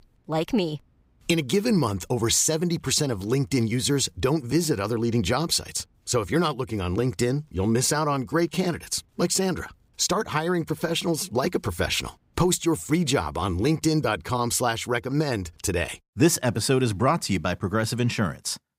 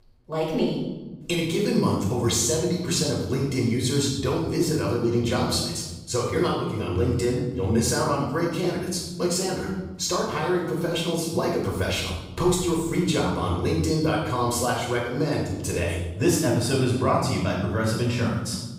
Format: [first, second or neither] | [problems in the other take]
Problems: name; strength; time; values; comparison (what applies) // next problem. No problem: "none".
first | room echo; noticeable; dies away in 1 s // off-mic speech; far